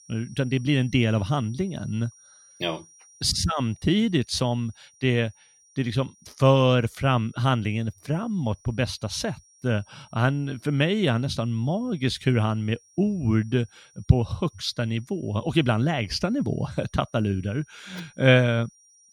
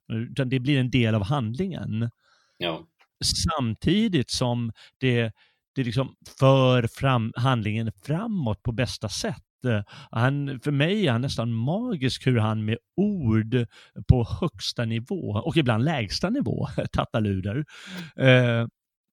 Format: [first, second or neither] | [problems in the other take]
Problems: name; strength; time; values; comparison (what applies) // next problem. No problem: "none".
second | high-pitched whine; faint; throughout; 5.5 kHz, 30 dB below the speech